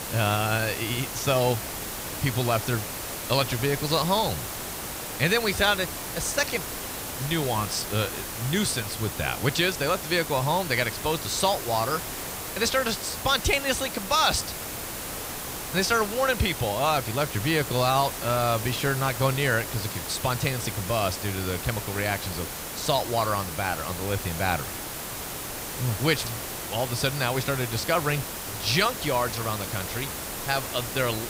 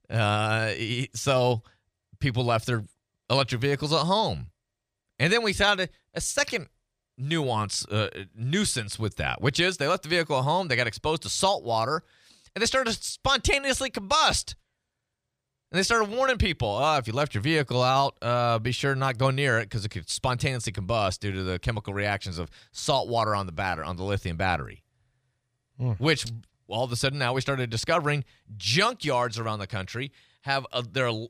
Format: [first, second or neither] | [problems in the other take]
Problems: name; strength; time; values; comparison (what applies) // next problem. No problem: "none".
second | hiss; loud; throughout; 6 dB below the speech